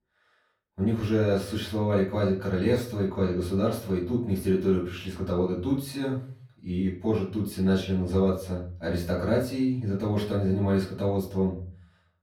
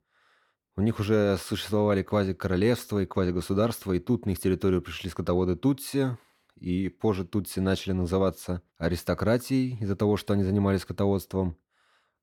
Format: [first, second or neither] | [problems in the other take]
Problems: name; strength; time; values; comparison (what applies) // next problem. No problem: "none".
second | off-mic speech; far // room echo; slight; dies away in 0.4 s